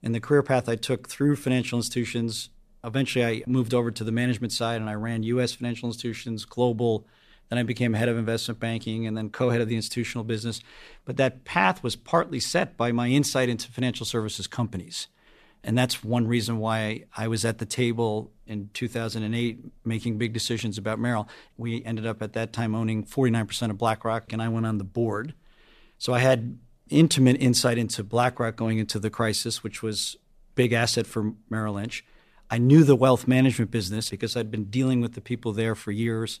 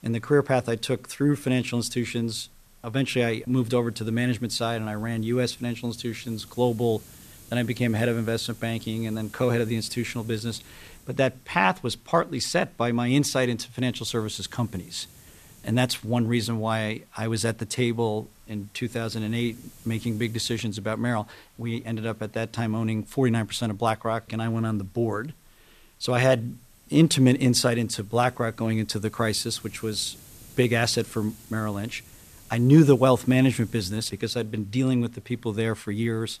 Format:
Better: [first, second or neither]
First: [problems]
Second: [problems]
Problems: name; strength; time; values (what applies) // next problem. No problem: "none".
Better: first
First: none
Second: hiss; faint; throughout; 25 dB below the speech